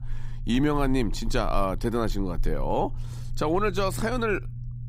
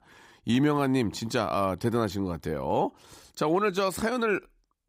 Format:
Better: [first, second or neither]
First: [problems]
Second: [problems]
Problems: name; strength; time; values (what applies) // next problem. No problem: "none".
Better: second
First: low rumble; faint; throughout; 25 dB below the speech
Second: none